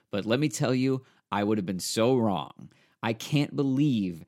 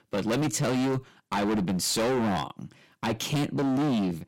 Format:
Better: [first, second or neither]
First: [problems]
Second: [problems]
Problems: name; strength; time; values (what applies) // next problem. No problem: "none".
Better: first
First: none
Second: distortion; heavy; 28% of the sound clipped